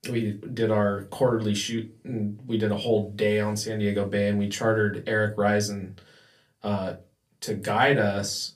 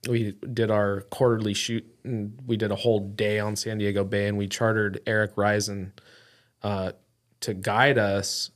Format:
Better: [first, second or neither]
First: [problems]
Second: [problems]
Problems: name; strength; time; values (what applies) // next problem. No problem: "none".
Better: second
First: off-mic speech; far // room echo; very slight; dies away in 0.2 s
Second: none